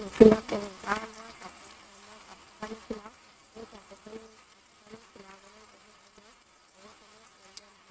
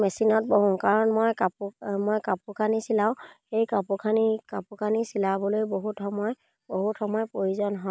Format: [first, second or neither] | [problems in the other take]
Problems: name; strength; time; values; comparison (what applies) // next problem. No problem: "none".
second | noise reduction (neural mask model RNNoise)